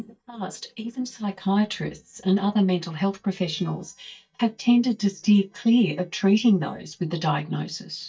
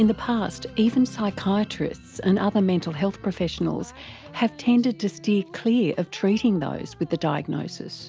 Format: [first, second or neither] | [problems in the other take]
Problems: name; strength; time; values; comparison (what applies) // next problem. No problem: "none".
second | noise reduction (neural mask model DeepFilterNet 3)